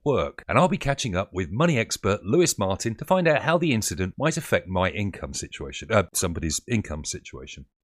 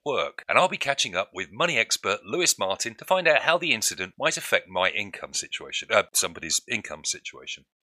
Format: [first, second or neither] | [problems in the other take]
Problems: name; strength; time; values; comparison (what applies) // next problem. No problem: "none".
first | thin; somewhat; fading below 1 kHz